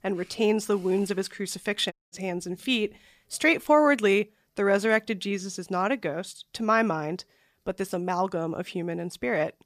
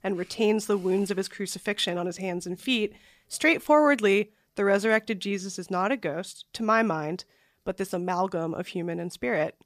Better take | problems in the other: second | audio cutting out; at 2 s

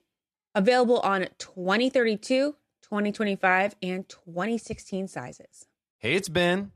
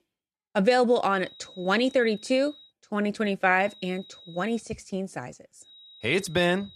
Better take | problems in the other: first | high-pitched whine; faint; from 1 to 2.5 s, at 3.5 s and from 5.5 s on; 4 kHz, 20 dB below the speech

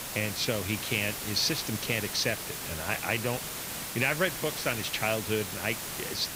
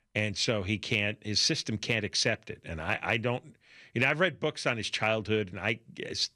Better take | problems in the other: second | hiss; loud; throughout; 4 dB below the speech

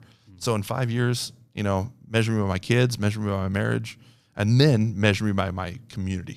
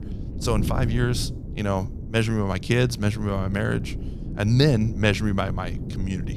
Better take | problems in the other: first | wind noise on the microphone; occasional gusts; 15 dB below the speech

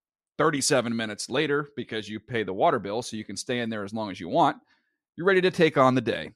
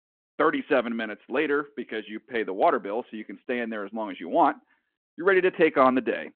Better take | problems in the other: first | phone-call audio

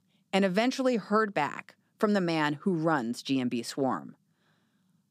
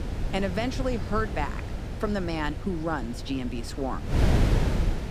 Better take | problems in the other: first | wind noise on the microphone; heavy; 5 dB below the speech

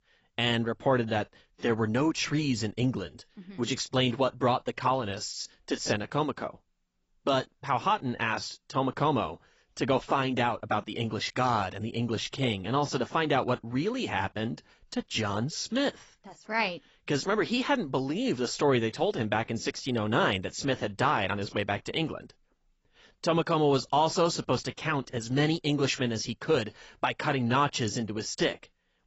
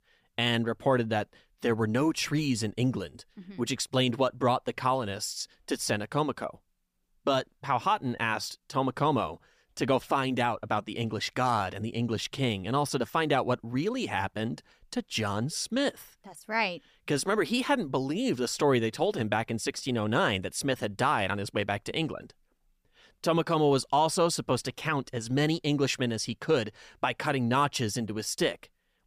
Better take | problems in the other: second | garbled, watery; badly; nothing above 7.5 kHz

